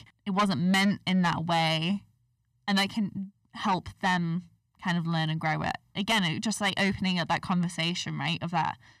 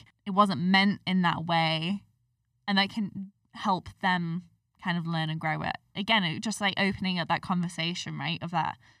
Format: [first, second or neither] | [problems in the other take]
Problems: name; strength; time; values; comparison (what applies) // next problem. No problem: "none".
second | distortion; slight; 10 dB below the speech